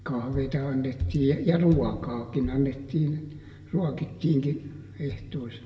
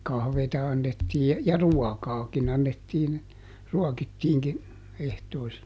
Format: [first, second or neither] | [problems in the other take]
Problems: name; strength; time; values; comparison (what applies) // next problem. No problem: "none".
second | room echo; dies away in 1.2 s